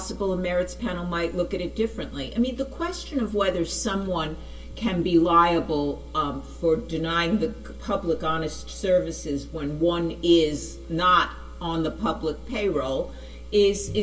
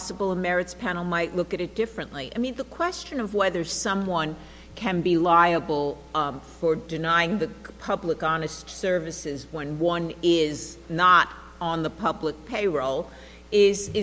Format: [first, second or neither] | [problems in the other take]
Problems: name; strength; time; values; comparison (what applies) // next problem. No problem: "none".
second | room echo; dies away in 0.2 s